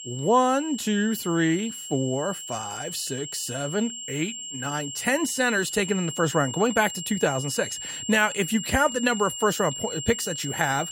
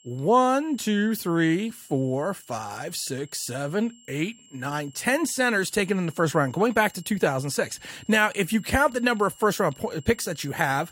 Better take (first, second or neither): second